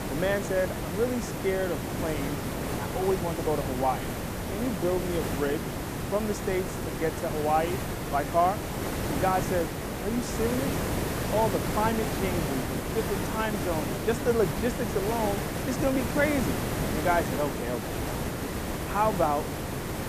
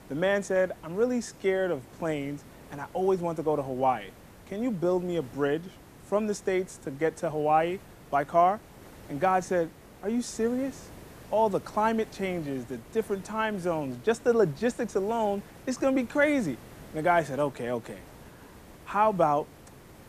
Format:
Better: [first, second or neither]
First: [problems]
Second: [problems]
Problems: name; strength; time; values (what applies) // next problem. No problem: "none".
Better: second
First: hiss; loud; throughout; 2 dB below the speech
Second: hiss; faint; throughout; 20 dB below the speech